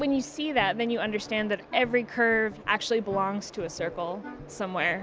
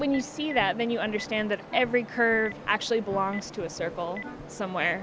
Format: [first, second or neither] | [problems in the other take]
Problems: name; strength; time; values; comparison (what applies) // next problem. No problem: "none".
first | background sound (Traffic noise, roadway noise + Telephone); 16 dB below the speech